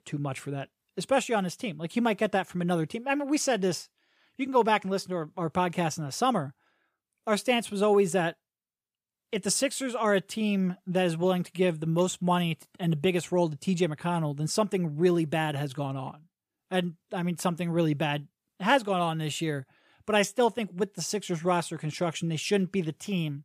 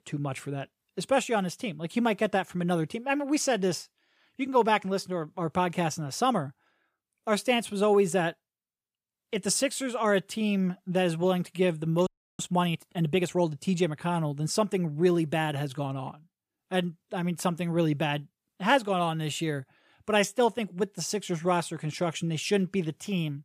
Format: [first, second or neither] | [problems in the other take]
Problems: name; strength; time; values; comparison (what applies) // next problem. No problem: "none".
first | audio freezing; at 12 s